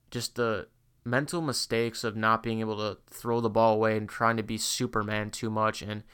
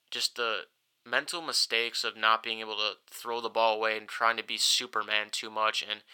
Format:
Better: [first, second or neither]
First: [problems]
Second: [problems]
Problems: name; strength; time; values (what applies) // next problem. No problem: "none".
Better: first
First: none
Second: thin; very; fading below 600 Hz